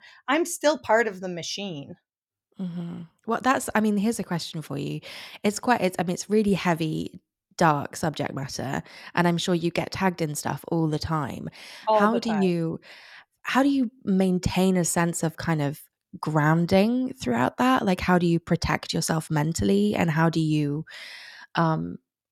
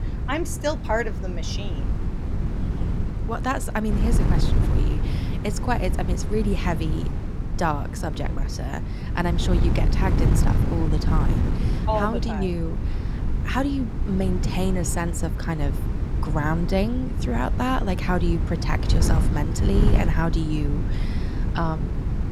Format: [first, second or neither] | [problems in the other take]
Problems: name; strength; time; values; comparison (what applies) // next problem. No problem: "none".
first | wind noise on the microphone; heavy; 7 dB below the speech